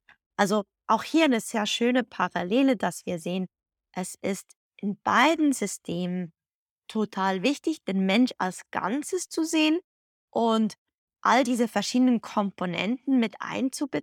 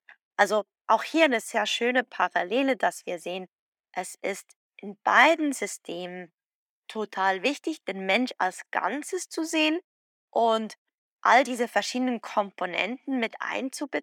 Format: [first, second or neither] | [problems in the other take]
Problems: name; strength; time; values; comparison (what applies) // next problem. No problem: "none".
first | thin; somewhat; fading below 300 Hz